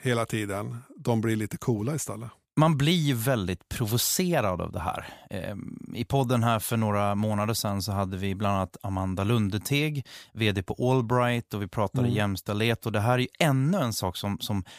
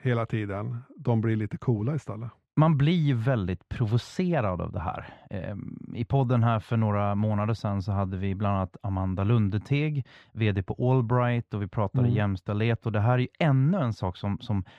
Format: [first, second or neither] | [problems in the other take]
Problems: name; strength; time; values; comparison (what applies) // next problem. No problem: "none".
first | muffled; very; fading above 2.5 kHz